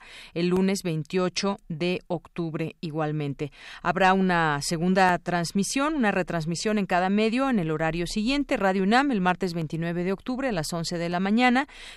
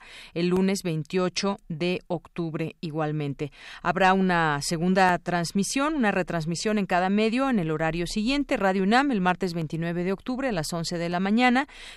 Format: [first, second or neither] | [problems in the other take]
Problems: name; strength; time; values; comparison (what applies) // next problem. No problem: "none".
neither | none